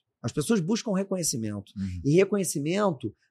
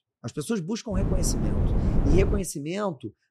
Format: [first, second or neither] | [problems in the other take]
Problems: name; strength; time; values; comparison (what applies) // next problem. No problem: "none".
first | wind noise on the microphone; heavy; from 1 to 2.5 s; 4 dB below the speech